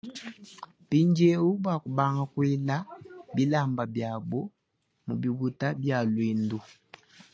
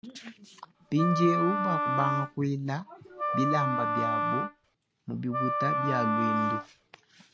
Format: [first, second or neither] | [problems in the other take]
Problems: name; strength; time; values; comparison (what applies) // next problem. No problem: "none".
first | background sound (Wind instrument, woodwind instrument); 1 dB above the speech